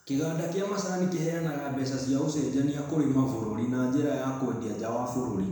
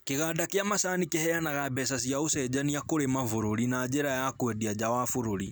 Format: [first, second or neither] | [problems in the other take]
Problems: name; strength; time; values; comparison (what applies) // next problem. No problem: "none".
second | room echo; dies away in 1 s